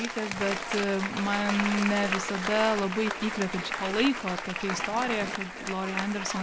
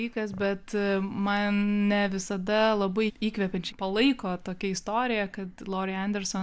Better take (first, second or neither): second